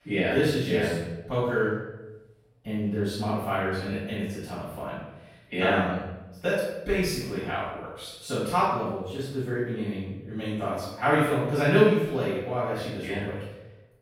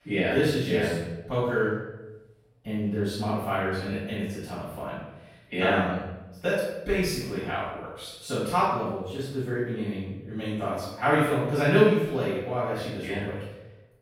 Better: neither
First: room echo; strong; dies away in 0.8 s // off-mic speech; far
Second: room echo; strong; dies away in 0.8 s // off-mic speech; far

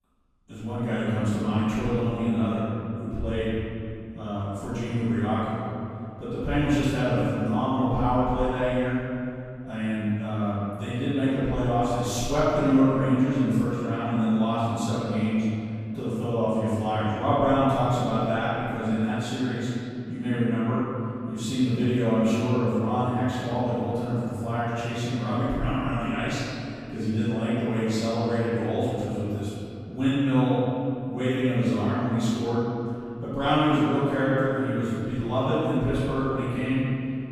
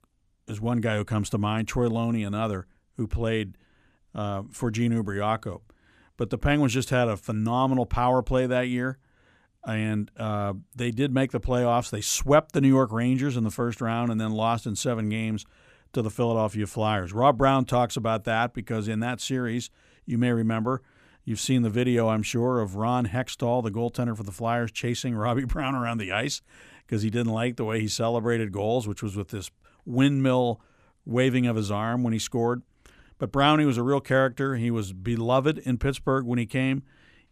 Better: second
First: room echo; strong; dies away in 2.5 s // off-mic speech; far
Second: none

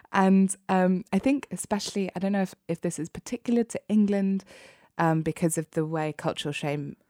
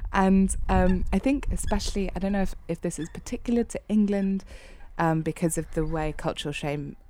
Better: first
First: none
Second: wind noise on the microphone; occasional gusts; 20 dB below the speech

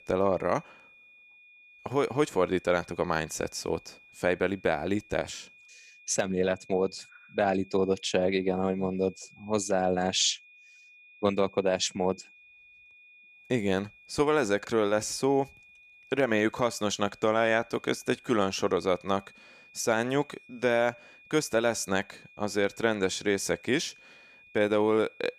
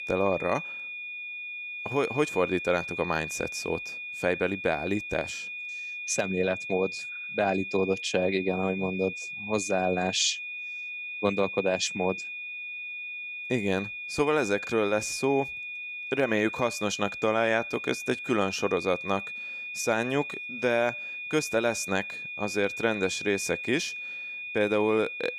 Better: first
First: high-pitched whine; faint; throughout; 2.5 kHz, 25 dB below the speech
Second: high-pitched whine; loud; throughout; 2.5 kHz, 6 dB below the speech

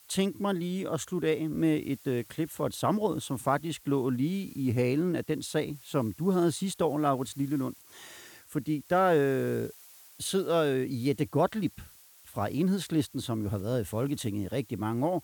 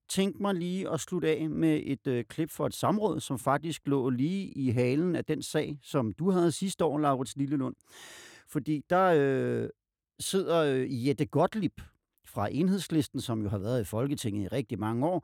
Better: second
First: hiss; faint; throughout; 20 dB below the speech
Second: none

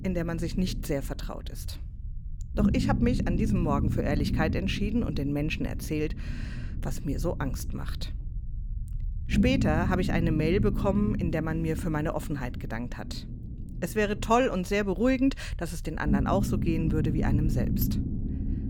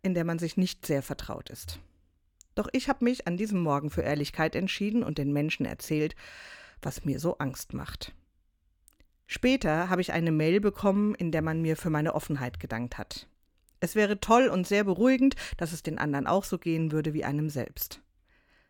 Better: second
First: low rumble; loud; throughout; 8 dB below the speech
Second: none

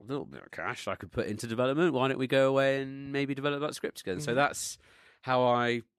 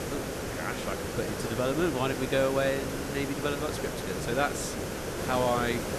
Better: first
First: none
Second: hiss; loud; throughout; 3 dB below the speech

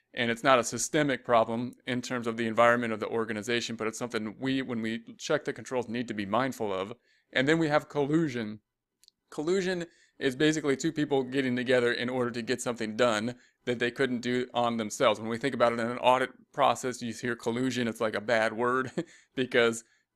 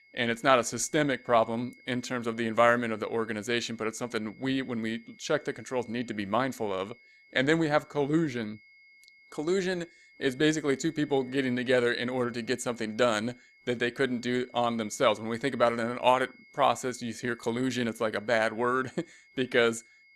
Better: first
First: none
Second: high-pitched whine; faint; throughout; 2 kHz, 25 dB below the speech

